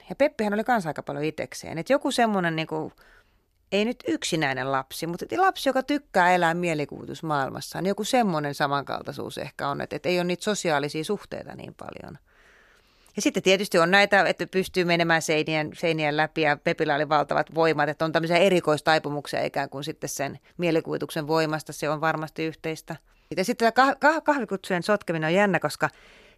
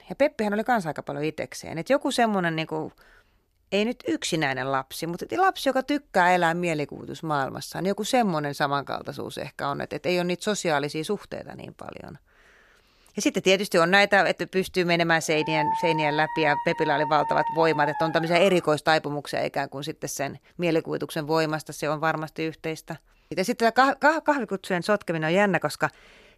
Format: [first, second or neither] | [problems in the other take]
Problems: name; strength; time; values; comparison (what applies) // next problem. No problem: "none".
first | dog barking; noticeable; from 15 to 19 s; peak 2 dB below the speech